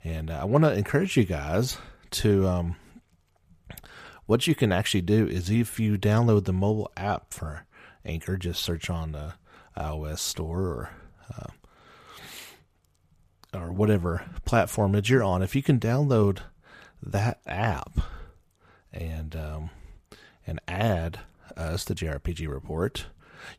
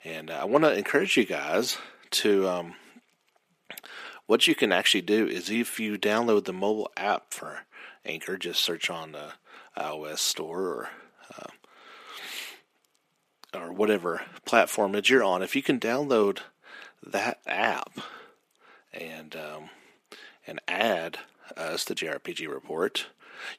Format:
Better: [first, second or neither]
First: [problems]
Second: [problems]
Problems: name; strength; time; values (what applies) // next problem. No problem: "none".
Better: first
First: none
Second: thin; somewhat; fading below 250 Hz